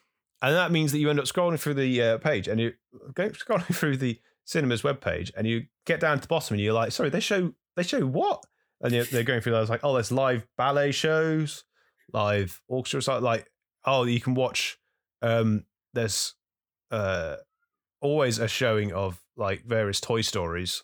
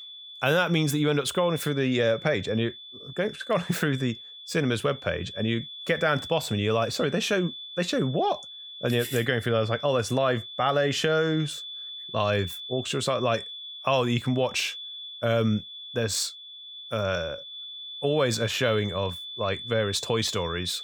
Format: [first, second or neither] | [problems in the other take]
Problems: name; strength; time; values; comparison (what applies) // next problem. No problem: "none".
first | high-pitched whine; noticeable; throughout; 3.5 kHz, 10 dB below the speech